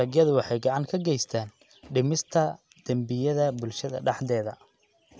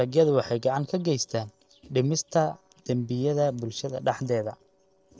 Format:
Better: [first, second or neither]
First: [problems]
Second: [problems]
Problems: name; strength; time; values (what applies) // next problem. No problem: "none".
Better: first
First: none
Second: noise reduction (neural separator model SepFormer DNS4)